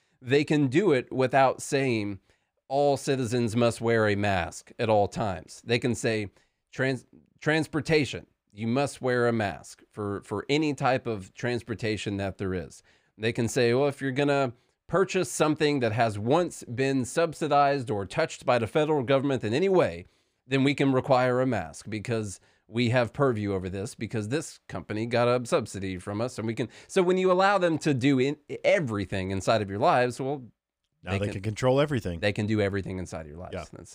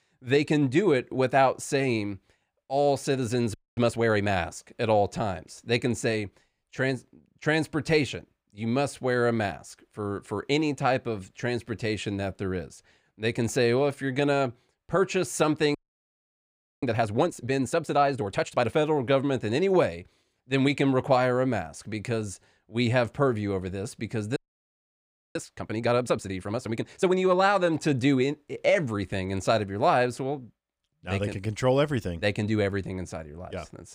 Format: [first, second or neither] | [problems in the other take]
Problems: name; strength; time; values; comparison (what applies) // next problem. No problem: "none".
first | audio freezing; at 3.5 s, at 16 s for 1 s and at 24 s for 1 s